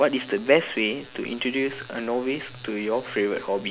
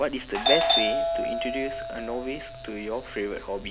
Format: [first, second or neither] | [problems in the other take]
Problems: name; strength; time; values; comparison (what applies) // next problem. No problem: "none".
first | background sound (Doorbell); 3 dB above the speech